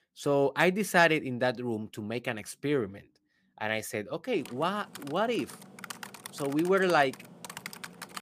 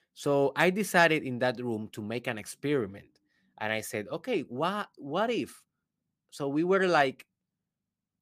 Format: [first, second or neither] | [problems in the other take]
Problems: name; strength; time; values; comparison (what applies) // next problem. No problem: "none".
second | keyboard typing; faint; from 4.5 s on; peak 10 dB below the speech